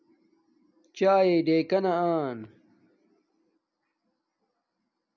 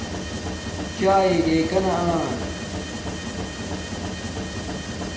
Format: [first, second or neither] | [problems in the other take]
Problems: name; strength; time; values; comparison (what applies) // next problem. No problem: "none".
first | background sound (Mechanisms); 4 dB below the speech // room echo; dies away in 1 s